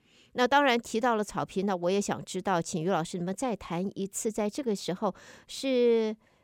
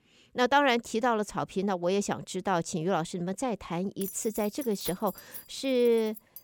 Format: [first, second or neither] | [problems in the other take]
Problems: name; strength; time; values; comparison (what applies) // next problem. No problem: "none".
first | jangling keys; noticeable; from 4 s on; peak 9 dB below the speech